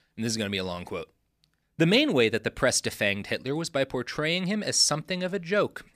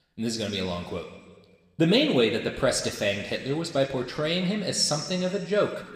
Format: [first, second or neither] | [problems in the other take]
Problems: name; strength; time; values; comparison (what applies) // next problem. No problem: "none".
first | room echo; slight; dies away in 1.4 s